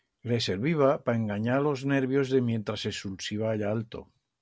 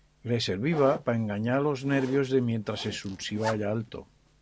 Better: first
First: none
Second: background sound (Zipper (clothing)); 15 dB below the speech

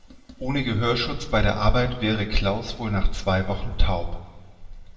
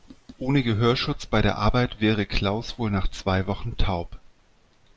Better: second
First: room echo; dies away in 0.9 s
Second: none

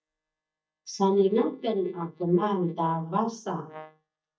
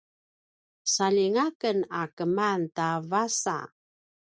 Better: second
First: noise reduction (neural mask model DeepFilterNet 3)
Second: none

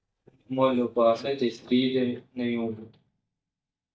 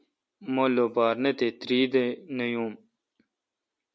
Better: second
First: noise reduction (neural mask model DeepFilterNet 3)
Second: none

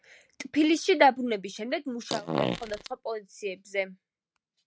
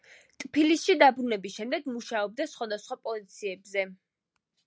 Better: second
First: noise reduction (neural mask model RNNoise)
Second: none

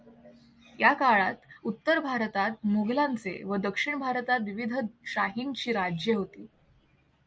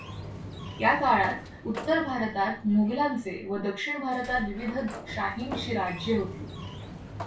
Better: first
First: none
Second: background sound (Sliding door); 11 dB below the speech // room echo; dies away in 0.3 s

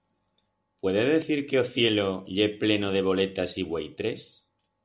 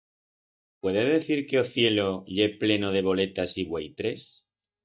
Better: first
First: none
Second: noise reduction (neural mask model DeepFilterNet 3)

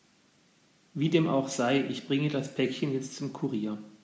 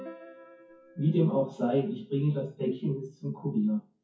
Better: first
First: none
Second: noise reduction (classical method WPE with log-MMSE)

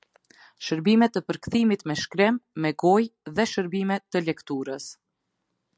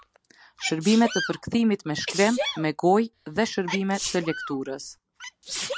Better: first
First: none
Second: background sound (Sneeze); 9 dB below the speech

